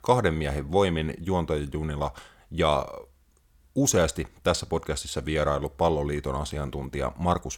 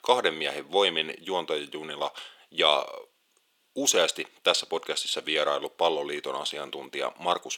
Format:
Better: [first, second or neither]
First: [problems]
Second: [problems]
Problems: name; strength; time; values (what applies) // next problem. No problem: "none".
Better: first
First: none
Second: thin; somewhat; fading below 350 Hz